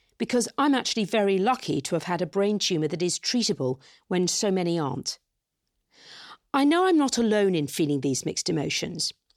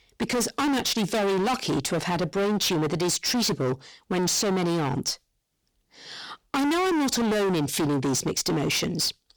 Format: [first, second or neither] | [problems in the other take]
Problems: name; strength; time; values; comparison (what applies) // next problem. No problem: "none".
first | distortion; heavy; 33% of the sound clipped